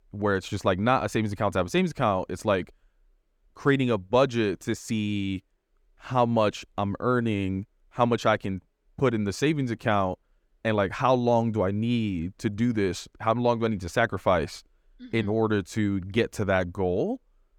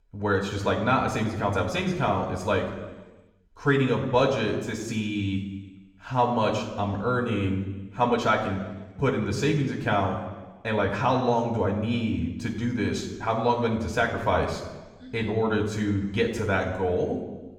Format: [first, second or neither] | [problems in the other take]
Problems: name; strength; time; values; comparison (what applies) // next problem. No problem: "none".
first | room echo; noticeable; dies away in 1.1 s // off-mic speech; somewhat distant